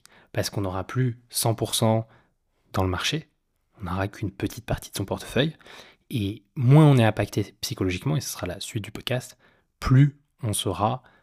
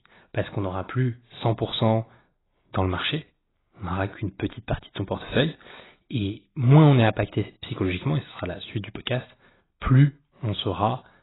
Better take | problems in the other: first | garbled, watery; badly; nothing above 4 kHz

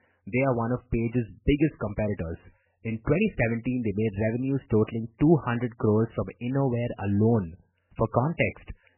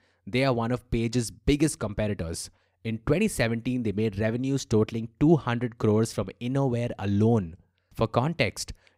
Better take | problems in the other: second | garbled, watery; badly; nothing above 3 kHz

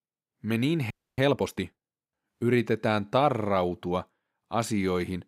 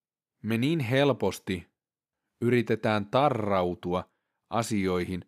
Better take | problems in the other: second | audio freezing; at 1 s

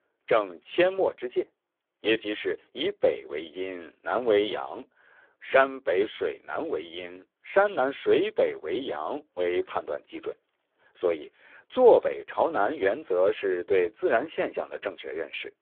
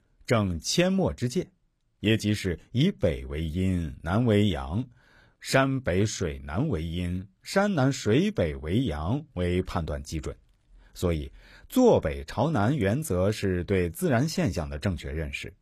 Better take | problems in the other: second | phone-call audio; poor line

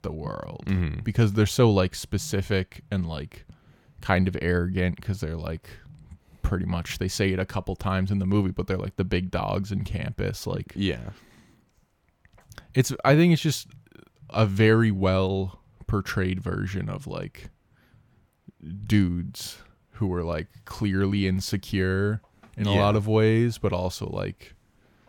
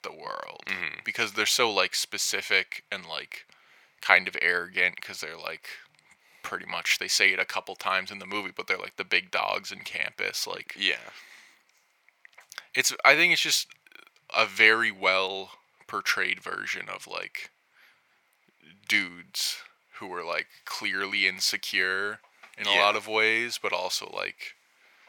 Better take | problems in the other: first | thin; very; fading below 800 Hz

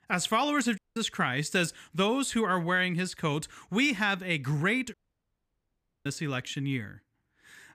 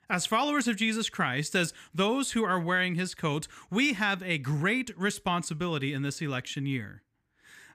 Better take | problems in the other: second | audio cutting out; at 1 s and at 5 s for 1 s

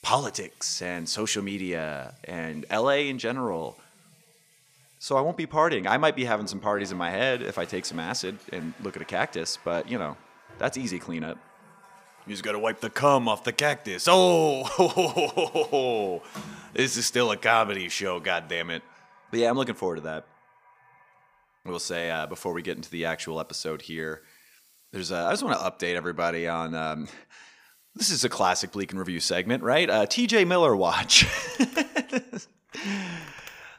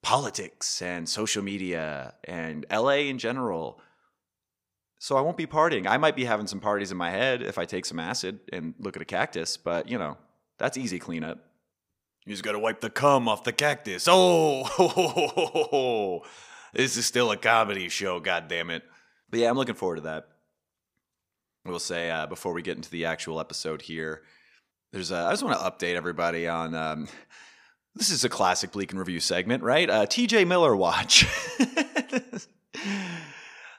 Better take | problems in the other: second | household noises; faint; throughout; 25 dB below the speech

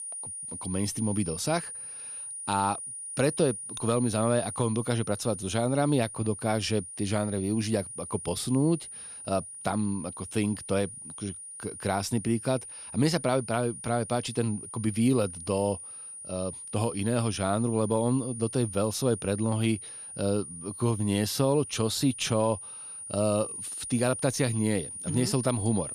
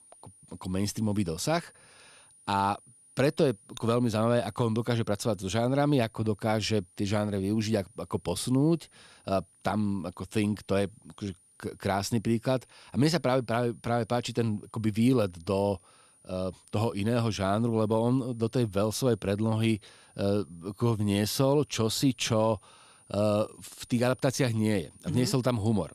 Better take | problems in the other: second | high-pitched whine; loud; throughout; 9.5 kHz, 9 dB below the speech; faint in the second

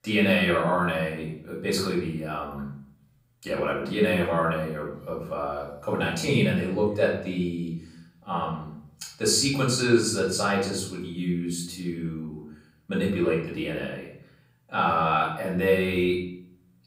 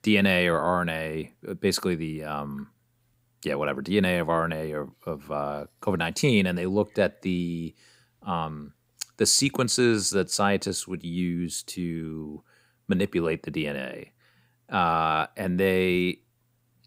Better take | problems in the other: second | off-mic speech; far // room echo; noticeable; dies away in 0.6 s

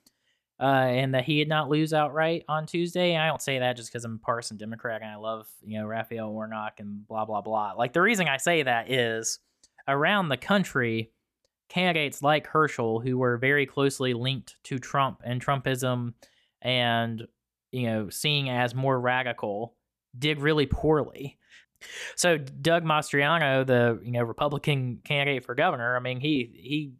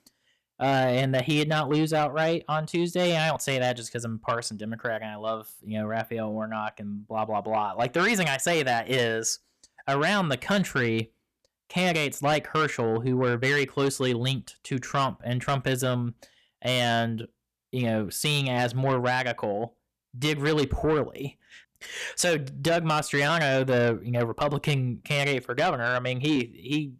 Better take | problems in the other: first | distortion; slight; 10 dB below the speech

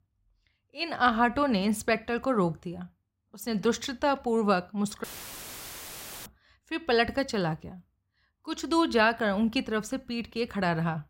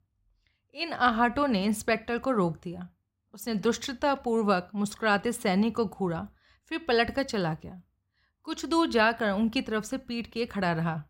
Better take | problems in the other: second | audio cutting out; filled with static; at 5 s for 1 s

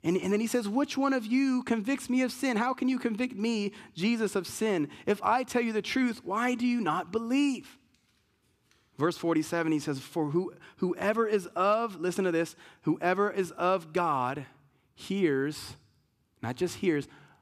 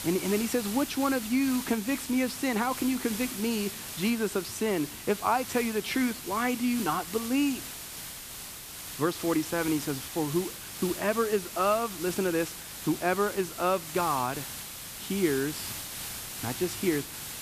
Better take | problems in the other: first | hiss; loud; throughout; 8 dB below the speech

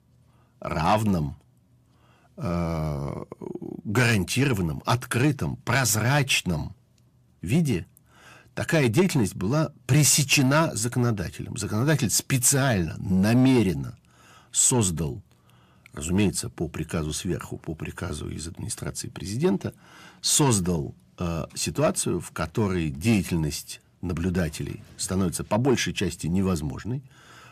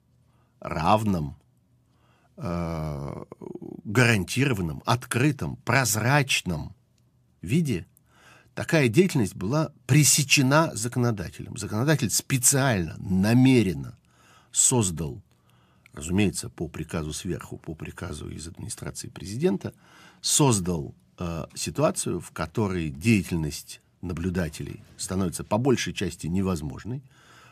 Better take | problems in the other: second | distortion; slight; 10 dB below the speech

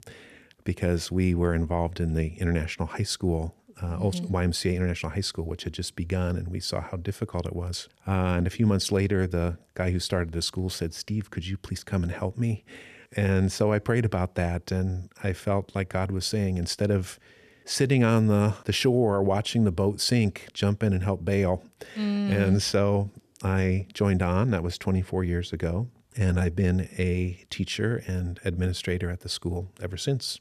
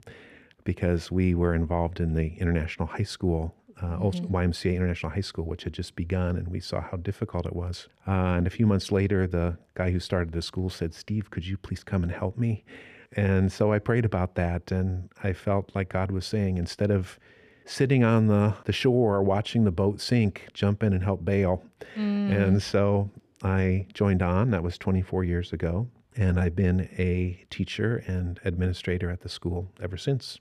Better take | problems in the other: first | muffled; very slightly; fading above 4 kHz

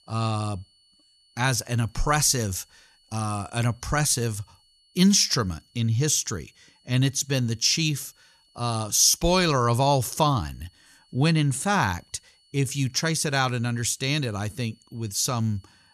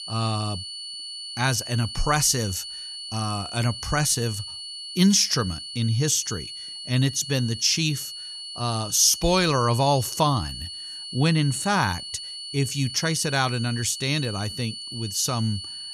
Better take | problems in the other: first | high-pitched whine; loud; throughout; 4.5 kHz, 10 dB below the speech; faint in the first

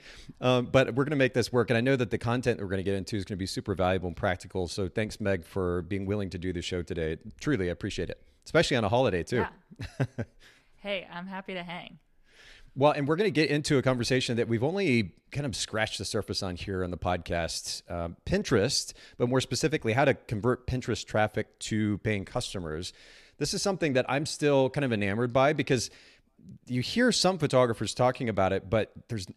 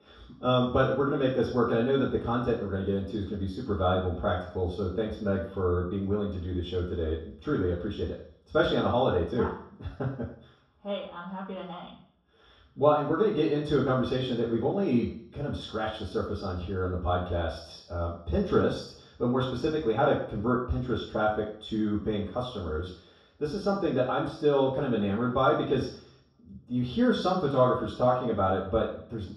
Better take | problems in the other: first | room echo; noticeable; dies away in 0.6 s // off-mic speech; far

